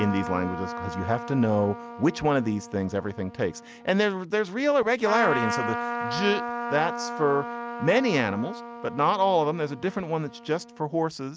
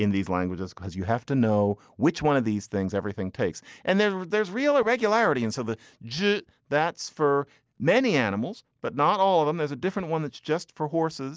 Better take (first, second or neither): second